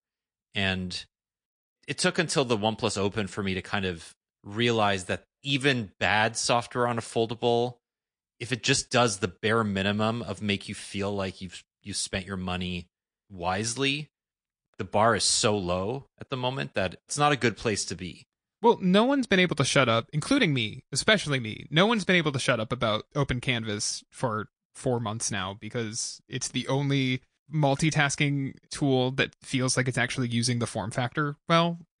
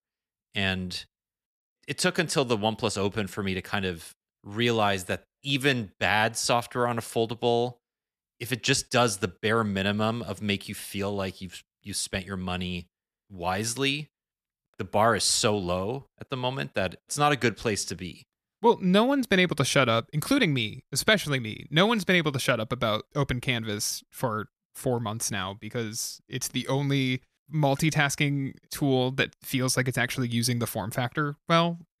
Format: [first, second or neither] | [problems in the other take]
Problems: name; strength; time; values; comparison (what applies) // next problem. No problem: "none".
second | garbled, watery; slightly; nothing above 9 kHz